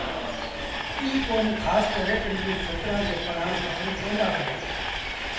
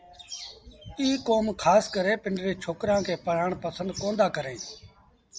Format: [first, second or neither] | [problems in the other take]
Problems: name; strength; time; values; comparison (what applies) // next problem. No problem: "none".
second | background sound (Train); 2 dB below the speech // room echo; dies away in 0.9 s